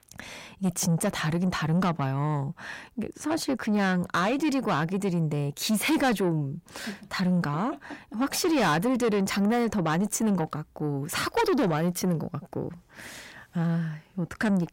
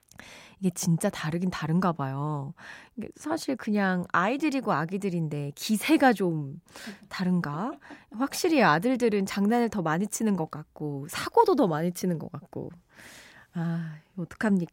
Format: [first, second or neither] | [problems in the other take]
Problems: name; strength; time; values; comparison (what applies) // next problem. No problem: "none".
second | distortion; heavy; 8 dB below the speech